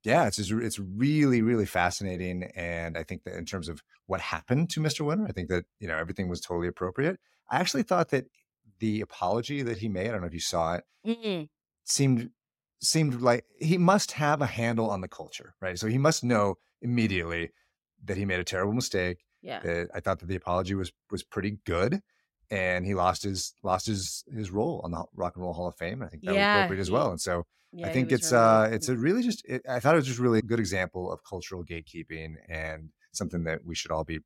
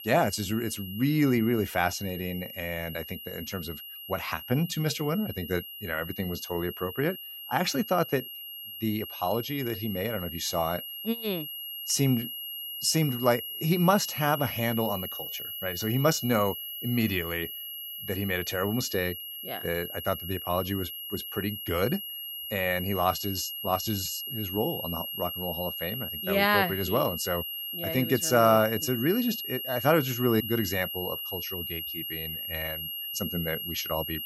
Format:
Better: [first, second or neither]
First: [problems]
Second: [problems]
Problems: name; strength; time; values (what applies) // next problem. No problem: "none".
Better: first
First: none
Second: high-pitched whine; loud; throughout; 3 kHz, 6 dB below the speech